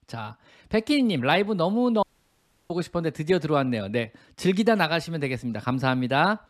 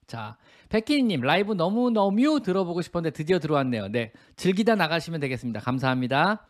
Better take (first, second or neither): second